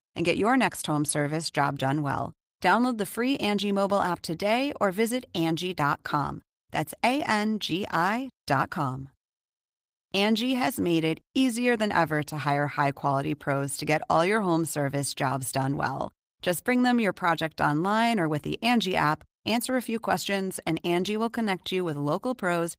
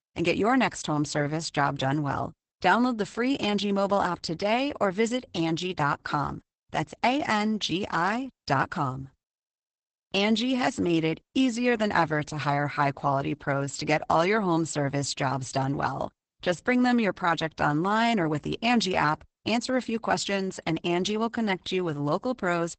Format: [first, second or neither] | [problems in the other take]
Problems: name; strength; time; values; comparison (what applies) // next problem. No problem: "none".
first | garbled, watery; badly; nothing above 8 kHz; slightly in the first